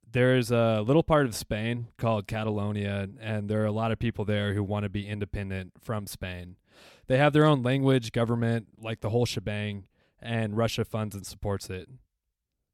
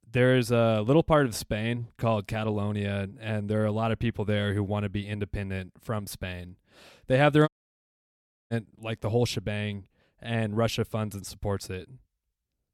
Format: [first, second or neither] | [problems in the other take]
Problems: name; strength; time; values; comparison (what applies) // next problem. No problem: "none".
first | audio cutting out; at 7.5 s for 1 s